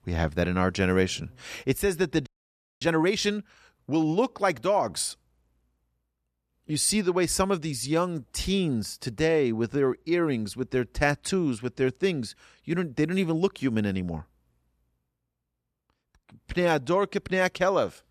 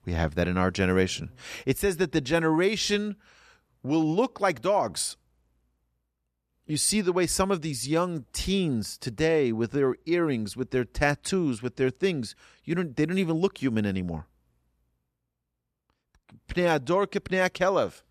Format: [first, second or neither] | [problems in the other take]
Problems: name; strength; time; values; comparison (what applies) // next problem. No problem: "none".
second | audio freezing; at 2.5 s for 0.5 s